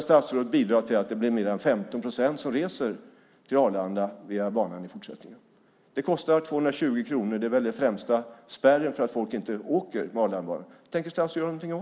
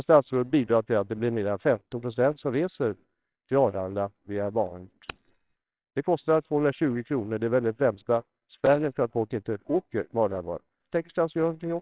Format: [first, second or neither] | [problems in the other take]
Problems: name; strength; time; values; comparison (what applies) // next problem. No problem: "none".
first | noise reduction (neural separator model SepFormer WHAMR!)